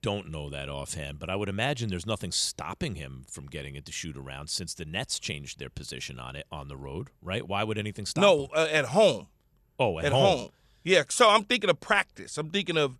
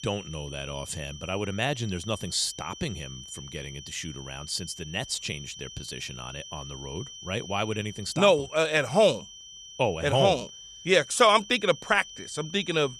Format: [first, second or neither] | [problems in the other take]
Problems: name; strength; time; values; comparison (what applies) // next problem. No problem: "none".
first | high-pitched whine; noticeable; throughout; 3 kHz, 15 dB below the speech